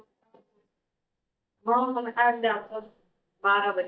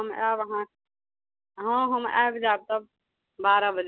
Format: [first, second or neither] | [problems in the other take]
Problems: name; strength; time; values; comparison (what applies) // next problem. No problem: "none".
second | noise reduction (neural mask model DeepFilterNet 3)